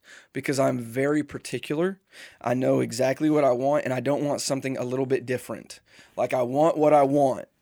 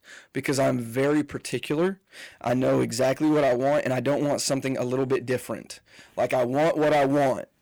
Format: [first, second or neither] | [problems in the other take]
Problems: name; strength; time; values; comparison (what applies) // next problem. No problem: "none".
first | distortion; slight; 10% of the sound clipped